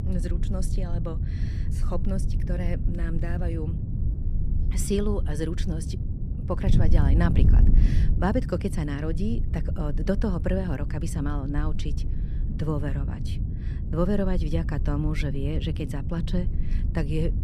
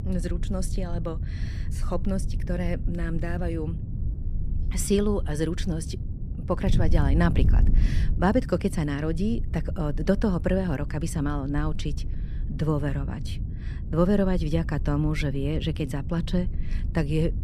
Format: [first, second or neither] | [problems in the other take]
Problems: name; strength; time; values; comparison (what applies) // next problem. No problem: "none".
second | wind noise on the microphone; heavy; 8 dB below the speech; occasional gusts in the second